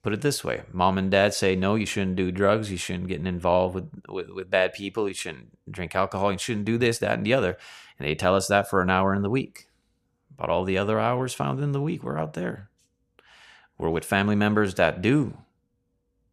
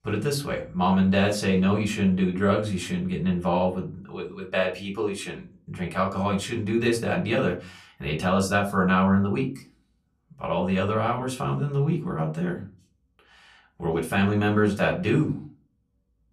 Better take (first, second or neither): first